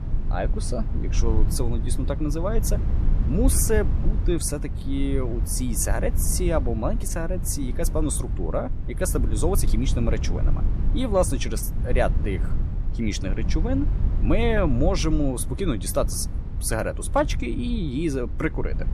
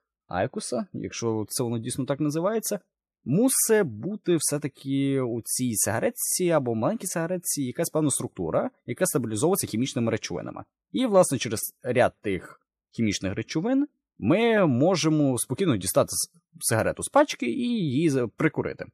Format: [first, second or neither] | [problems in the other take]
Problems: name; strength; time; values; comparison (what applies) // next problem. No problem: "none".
second | low rumble; noticeable; throughout; 15 dB below the speech